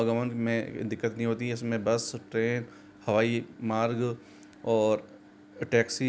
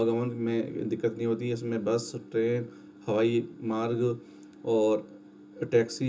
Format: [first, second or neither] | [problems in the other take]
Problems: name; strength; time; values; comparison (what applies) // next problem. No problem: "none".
first | room echo; dies away in 0.2 s